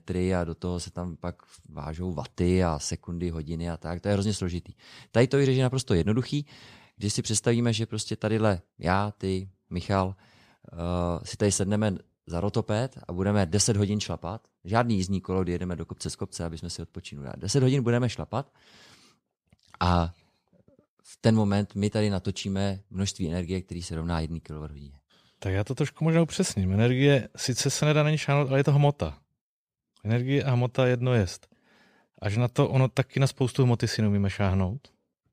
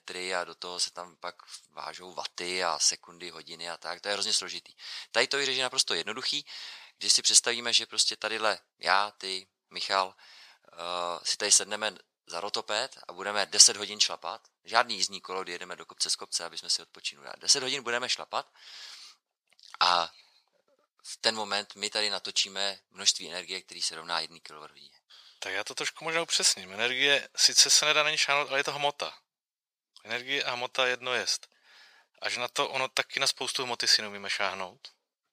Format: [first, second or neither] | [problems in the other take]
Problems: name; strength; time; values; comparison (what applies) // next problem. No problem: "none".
first | thin; very; fading below 950 Hz